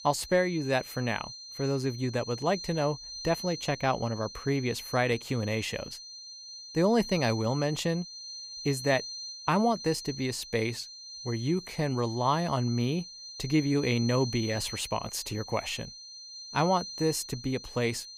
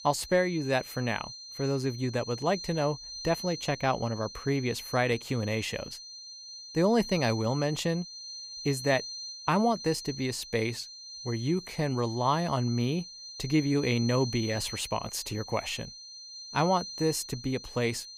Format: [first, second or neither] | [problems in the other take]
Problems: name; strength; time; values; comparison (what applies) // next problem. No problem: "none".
neither | high-pitched whine; noticeable; throughout; 4 kHz, 10 dB below the speech; the same in both